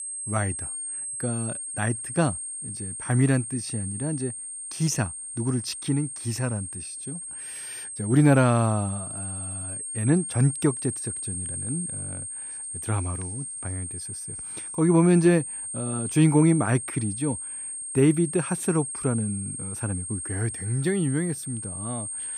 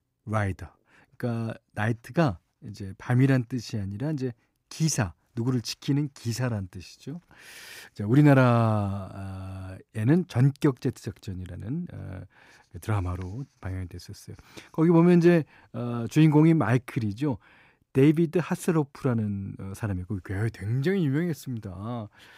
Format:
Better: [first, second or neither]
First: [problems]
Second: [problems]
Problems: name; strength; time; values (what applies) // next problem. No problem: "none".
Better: second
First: high-pitched whine; loud; throughout; 8.5 kHz, 7 dB below the speech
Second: none